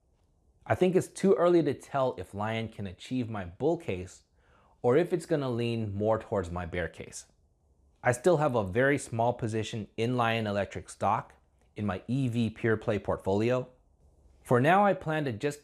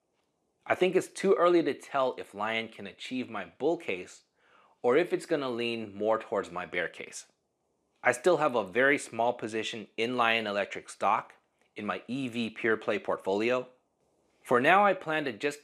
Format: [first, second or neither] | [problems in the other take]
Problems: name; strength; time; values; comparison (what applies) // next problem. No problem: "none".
first | thin; very slightly; fading below 300 Hz